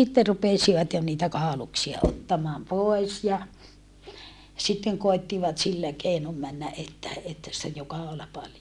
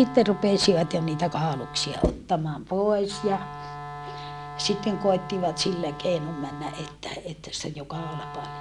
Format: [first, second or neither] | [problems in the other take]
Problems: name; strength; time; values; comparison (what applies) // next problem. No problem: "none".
first | background sound (Wind instrument, woodwind instrument); 13 dB below the speech